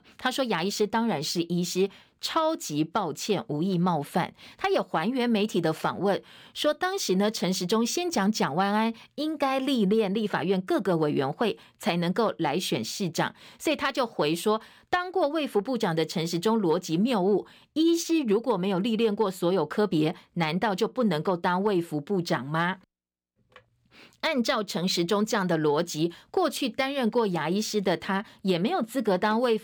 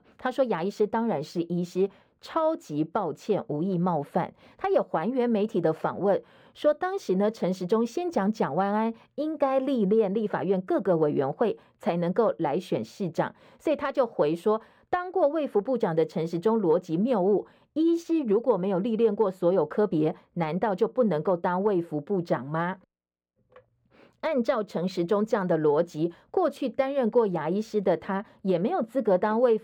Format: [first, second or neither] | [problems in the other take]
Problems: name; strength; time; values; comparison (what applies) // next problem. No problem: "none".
first | muffled; very; fading above 2 kHz